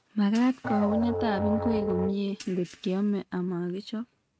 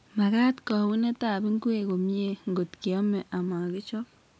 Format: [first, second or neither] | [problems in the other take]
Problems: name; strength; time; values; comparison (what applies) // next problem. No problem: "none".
second | noise reduction (neural mask model RNNoise)